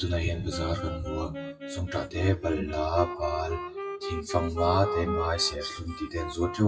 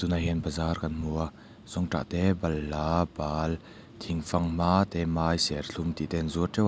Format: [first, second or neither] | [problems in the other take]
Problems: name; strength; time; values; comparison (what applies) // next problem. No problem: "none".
second | noise reduction (classical method WPE with log-MMSE)